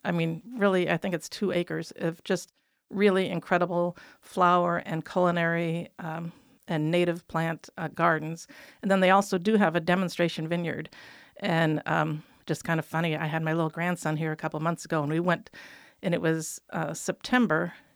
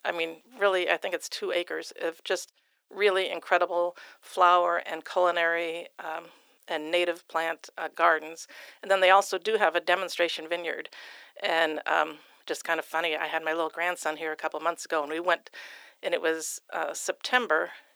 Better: first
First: none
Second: thin; very; fading below 400 Hz

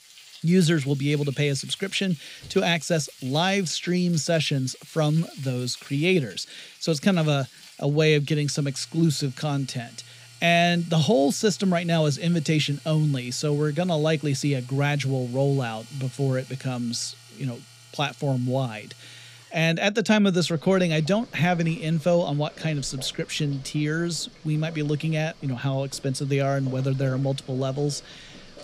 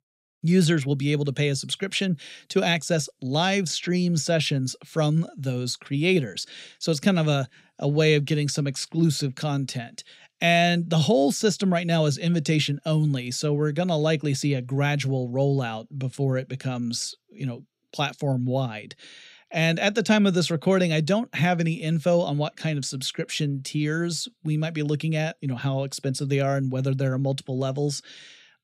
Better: second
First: household noises; faint; throughout; 20 dB below the speech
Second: none

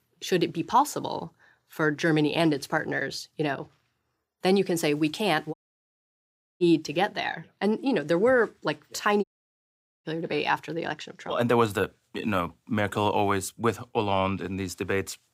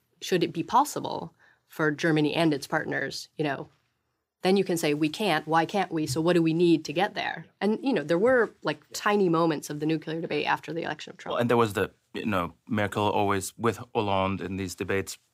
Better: second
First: audio cutting out; at 5.5 s for 1 s and at 9 s for 1 s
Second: none

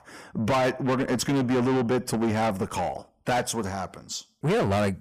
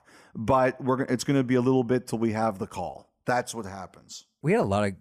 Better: second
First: distortion; heavy; 6 dB below the speech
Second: none

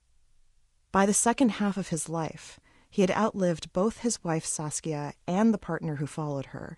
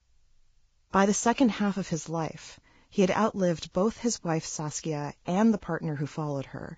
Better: first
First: garbled, watery; slightly; nothing above 10.5 kHz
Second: garbled, watery; badly; nothing above 7.5 kHz

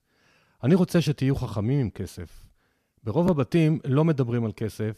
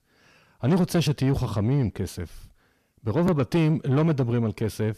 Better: first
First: none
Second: distortion; slight; 10 dB below the speech

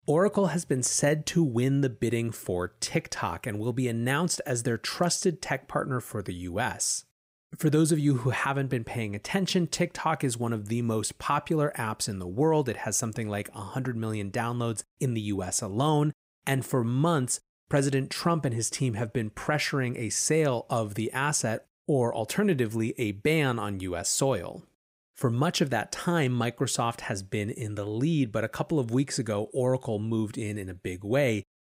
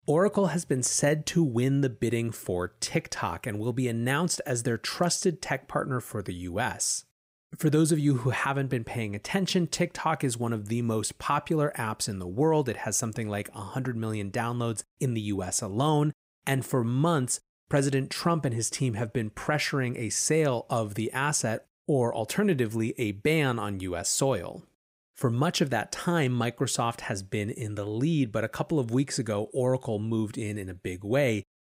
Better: neither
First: none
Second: none

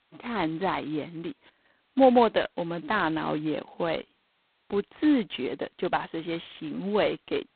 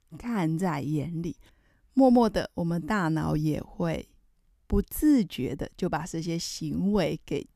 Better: second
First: phone-call audio; poor line; nothing above 4 kHz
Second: none

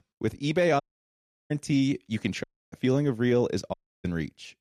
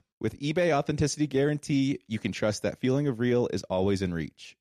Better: second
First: audio cutting out; at 1 s for 0.5 s, at 2.5 s and at 3.5 s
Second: none

